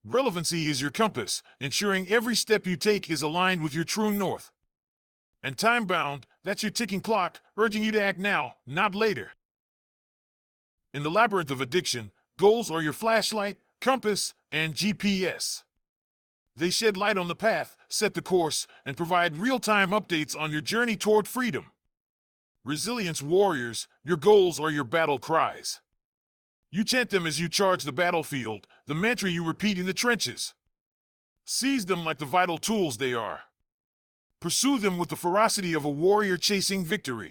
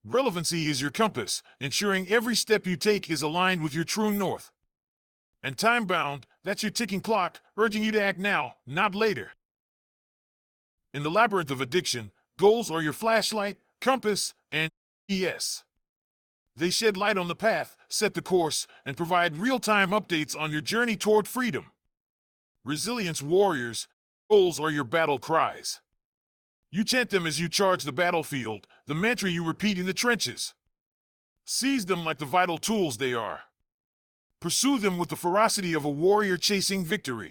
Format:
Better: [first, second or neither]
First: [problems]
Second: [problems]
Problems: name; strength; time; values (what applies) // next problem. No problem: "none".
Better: first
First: none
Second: audio cutting out; at 15 s and at 24 s